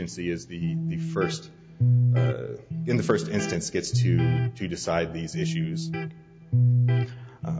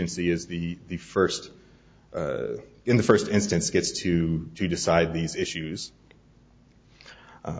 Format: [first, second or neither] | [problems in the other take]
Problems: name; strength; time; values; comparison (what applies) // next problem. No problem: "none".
second | background sound (Electric guitar); 5 dB above the speech